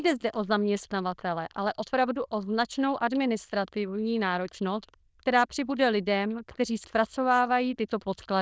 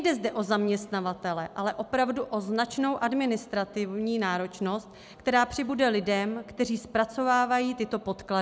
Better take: second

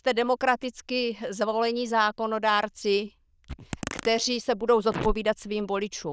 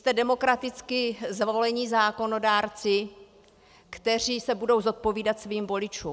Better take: second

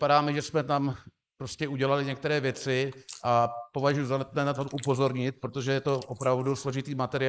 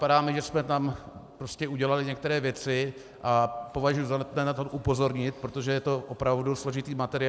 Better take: second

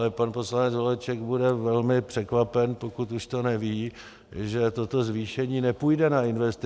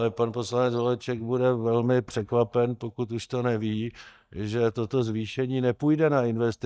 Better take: first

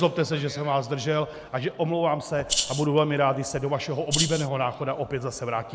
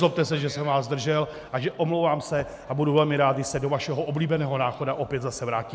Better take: second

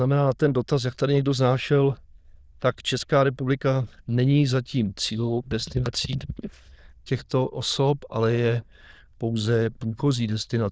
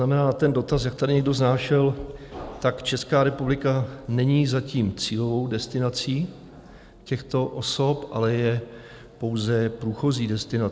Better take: second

